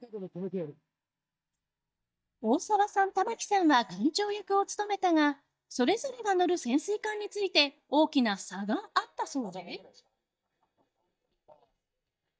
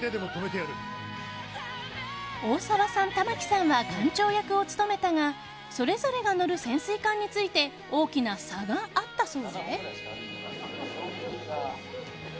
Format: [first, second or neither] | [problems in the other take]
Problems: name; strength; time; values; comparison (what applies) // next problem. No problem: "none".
second | noise reduction (neural mask model DeepFilterNet 3)